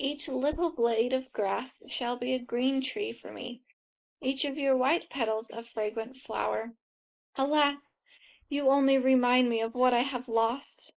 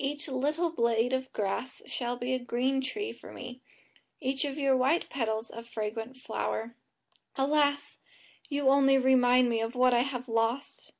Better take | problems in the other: second | noise reduction (neural mask model Resemble Enhance denoiser)

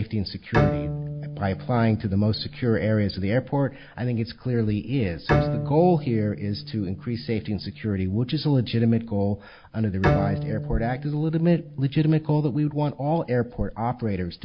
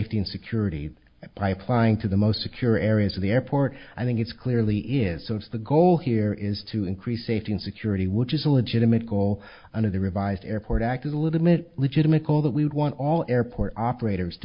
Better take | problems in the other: second | background sound (Bowed string instrument); 7 dB below the speech

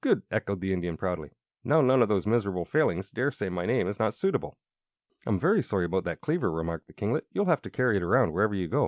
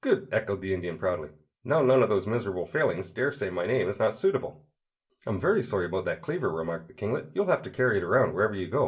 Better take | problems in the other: first | room echo; dies away in 0.2 s

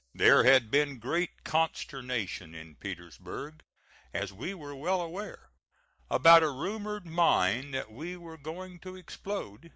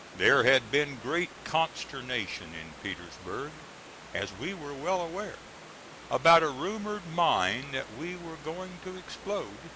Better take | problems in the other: first | background sound (Stream / Liquid); 16 dB below the speech

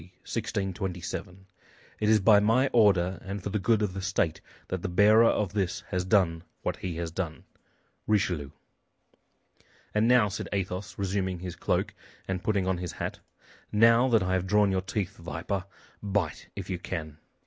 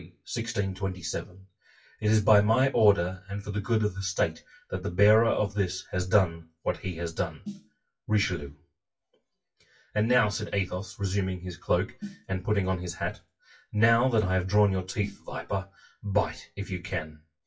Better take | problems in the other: first | noise reduction (classical method WPE with log-MMSE)

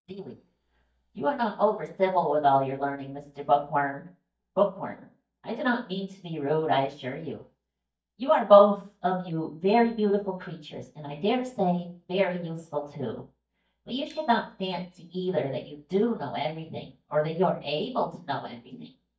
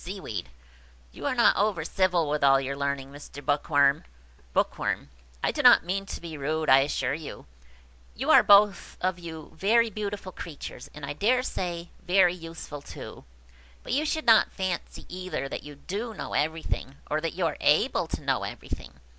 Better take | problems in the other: second | noise reduction (neural mask model DeepFilterNet 3)

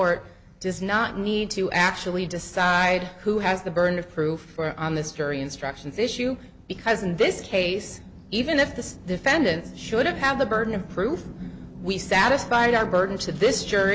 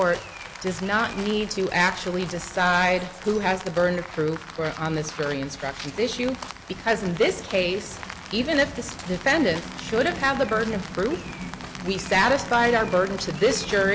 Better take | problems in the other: first | background sound (Rain); 15 dB below the speech

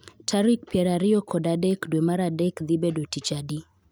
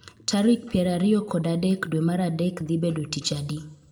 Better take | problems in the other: first | room echo; dies away in 0.4 s

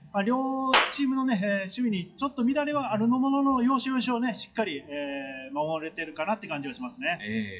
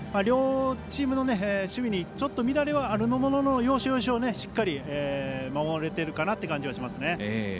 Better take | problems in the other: second | noise reduction (classical method WPE with log-MMSE)

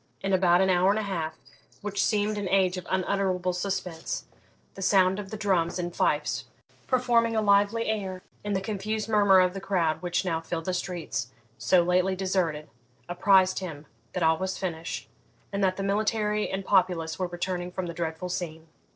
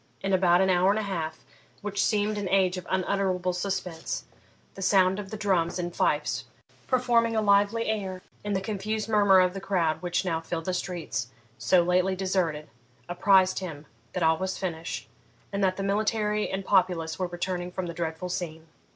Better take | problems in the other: second | noise reduction (neural separator model SepFormer DNS4)

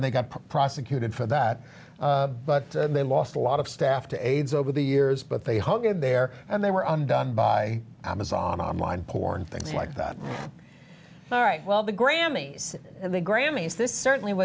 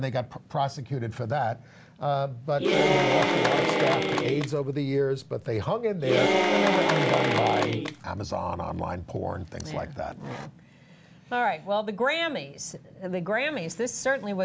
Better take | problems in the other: first | background sound (Applause / Cheering); 3 dB above the speech

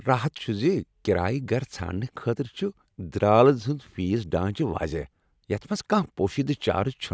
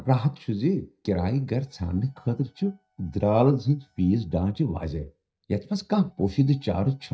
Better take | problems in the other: first | noise reduction (neural mask model DeepFilterNet 3)

